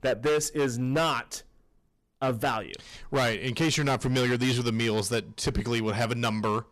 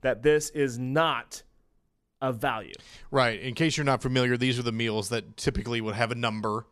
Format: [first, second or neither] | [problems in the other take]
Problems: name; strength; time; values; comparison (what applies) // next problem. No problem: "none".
second | distortion; heavy; 12% of the sound clipped